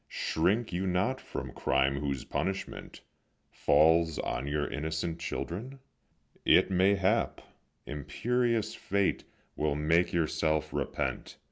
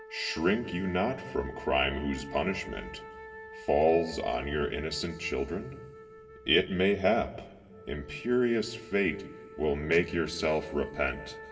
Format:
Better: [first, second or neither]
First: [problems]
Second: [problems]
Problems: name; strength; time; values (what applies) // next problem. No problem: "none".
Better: first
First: none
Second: background sound (Wind instrument, woodwind instrument); 16 dB below the speech // room echo; dies away in 2.1 s